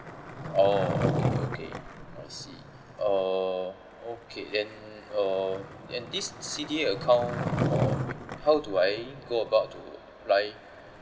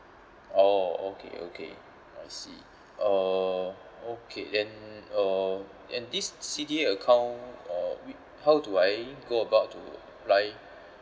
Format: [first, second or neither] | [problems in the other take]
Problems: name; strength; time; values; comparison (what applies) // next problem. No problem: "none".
second | background sound (Skateboard); 5 dB below the speech